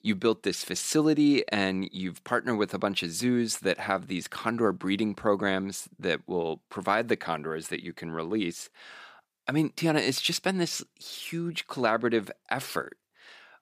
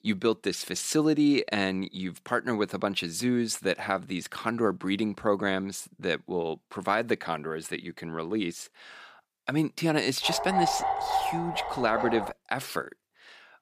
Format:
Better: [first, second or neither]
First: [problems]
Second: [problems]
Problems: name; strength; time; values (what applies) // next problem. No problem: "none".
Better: first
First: none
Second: dog barking; loud; from 10 to 12 s; peak 3 dB above the speech